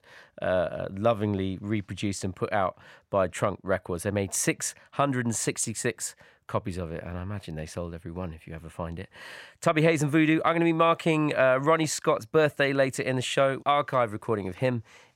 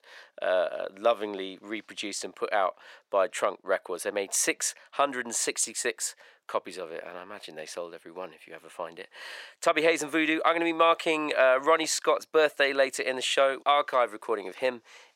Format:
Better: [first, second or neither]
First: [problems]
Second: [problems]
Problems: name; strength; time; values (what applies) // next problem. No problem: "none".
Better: first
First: none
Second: thin; very; fading below 400 Hz